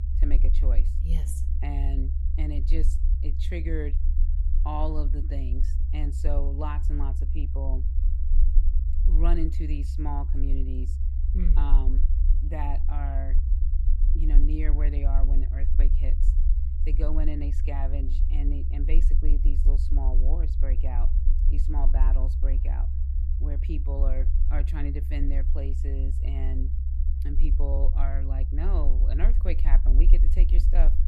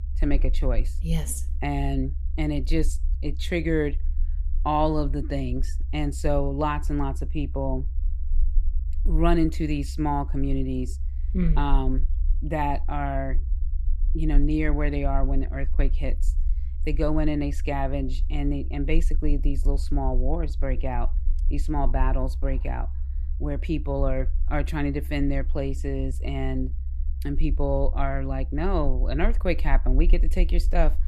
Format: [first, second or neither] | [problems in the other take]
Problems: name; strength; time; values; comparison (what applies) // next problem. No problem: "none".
second | low rumble; loud; throughout; 7 dB below the speech; faint in the second